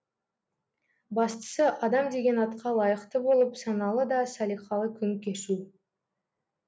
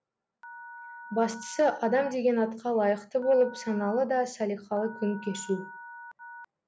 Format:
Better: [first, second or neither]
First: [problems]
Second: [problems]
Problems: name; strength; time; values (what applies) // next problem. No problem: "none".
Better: first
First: none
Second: background sound (Telephone); 18 dB below the speech